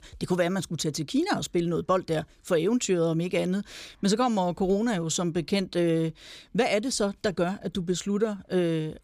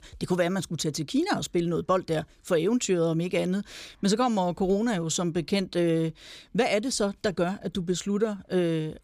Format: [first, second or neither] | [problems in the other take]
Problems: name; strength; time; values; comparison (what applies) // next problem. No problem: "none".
neither | none